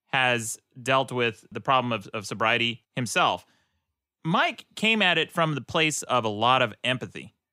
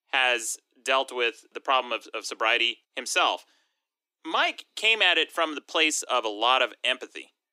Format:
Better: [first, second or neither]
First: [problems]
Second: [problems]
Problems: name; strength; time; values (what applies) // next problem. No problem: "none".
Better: first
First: none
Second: thin; very; fading below 300 Hz